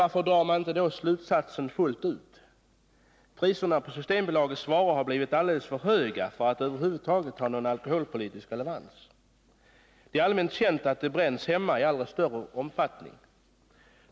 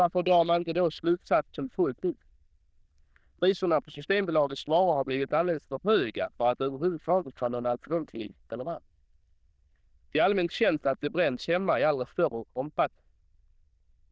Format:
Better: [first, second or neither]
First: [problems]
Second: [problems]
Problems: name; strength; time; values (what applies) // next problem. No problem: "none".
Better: first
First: none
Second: noise reduction (neural diffusion model UNIVERSE++)